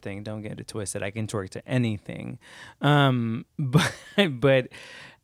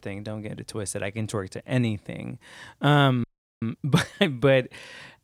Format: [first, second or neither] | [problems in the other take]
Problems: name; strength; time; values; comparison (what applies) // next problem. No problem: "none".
first | audio freezing; at 3 s